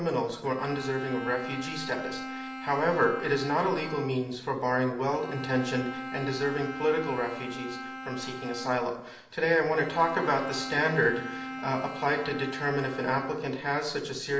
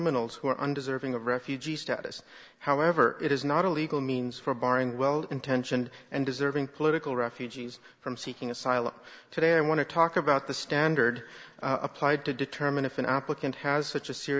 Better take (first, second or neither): second